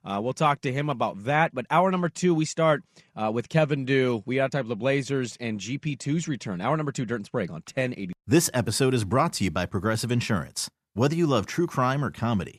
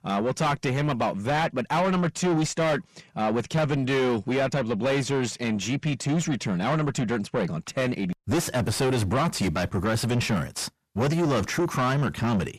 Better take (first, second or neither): first